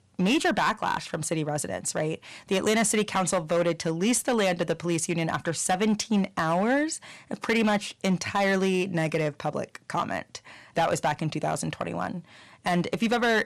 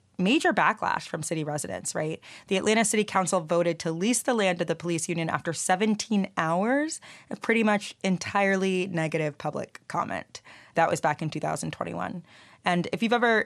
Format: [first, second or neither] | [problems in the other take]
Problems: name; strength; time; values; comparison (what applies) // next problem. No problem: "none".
second | distortion; slight; 7% of the sound clipped